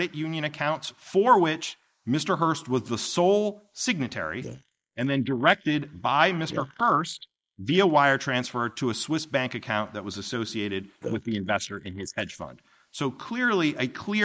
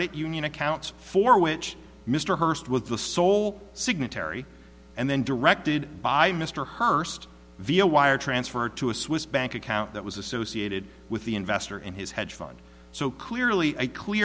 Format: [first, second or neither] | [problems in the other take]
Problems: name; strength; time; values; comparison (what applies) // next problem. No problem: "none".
second | noise reduction (neural mask model Resemble Enhance denoiser)